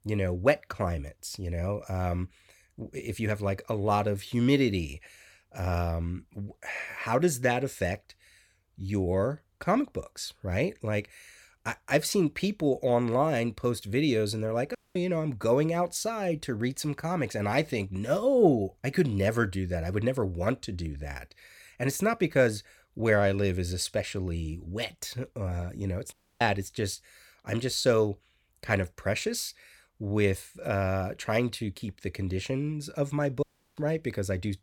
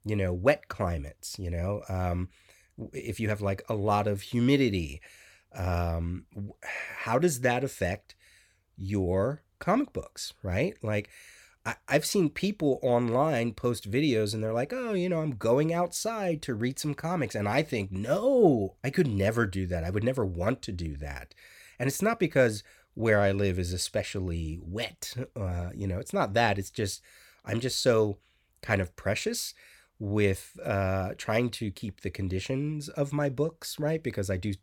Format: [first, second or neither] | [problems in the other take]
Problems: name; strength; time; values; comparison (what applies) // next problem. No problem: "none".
second | audio cutting out; at 15 s, at 26 s and at 33 s